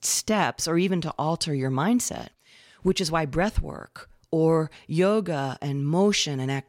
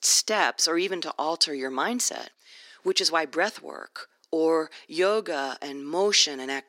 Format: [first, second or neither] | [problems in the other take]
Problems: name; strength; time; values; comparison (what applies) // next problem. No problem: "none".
first | thin; somewhat; fading below 300 Hz